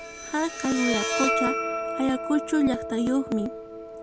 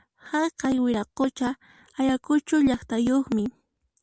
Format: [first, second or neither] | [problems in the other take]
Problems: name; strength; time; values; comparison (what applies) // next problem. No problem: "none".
second | background sound (Bowed string instrument); 3 dB below the speech